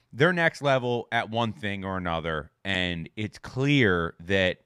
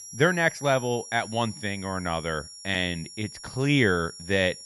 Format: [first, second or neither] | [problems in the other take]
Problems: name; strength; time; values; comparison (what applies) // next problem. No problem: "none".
first | high-pitched whine; noticeable; throughout; 5.5 kHz, 15 dB below the speech